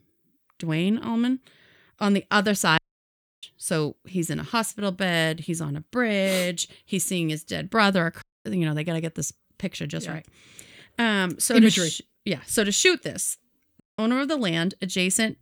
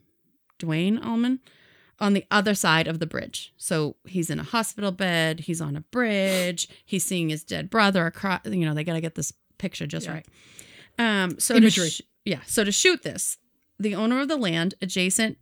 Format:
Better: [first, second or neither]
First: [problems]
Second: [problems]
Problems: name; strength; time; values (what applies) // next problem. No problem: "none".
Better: second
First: audio cutting out; at 3 s for 0.5 s, at 8 s and at 14 s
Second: none